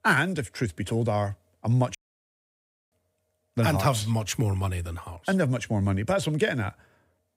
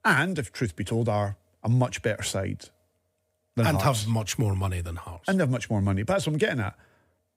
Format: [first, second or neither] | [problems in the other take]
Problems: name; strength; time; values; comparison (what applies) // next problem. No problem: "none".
second | audio cutting out; at 2 s for 1 s